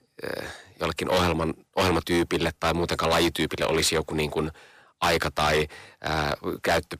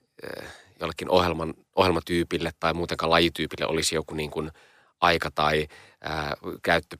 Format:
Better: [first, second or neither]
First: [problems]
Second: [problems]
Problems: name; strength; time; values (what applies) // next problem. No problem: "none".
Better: second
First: distortion; heavy; 10% of the sound clipped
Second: none